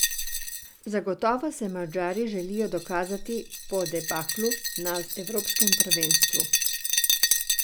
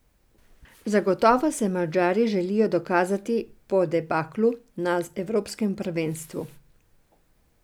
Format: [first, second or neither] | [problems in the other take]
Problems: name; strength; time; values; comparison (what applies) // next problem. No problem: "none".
second | background sound (Glass); 3 dB above the speech